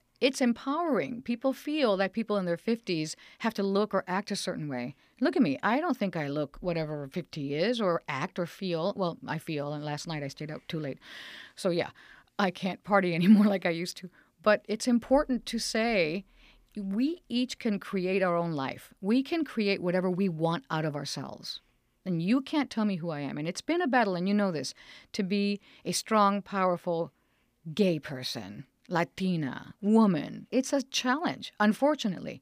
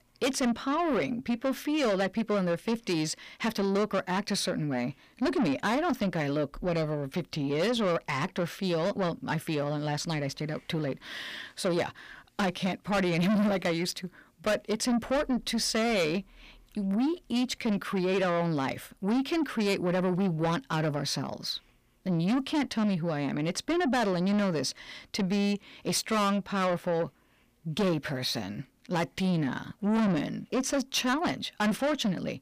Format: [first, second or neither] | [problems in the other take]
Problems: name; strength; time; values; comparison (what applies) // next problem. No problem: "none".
first | distortion; heavy; 7 dB below the speech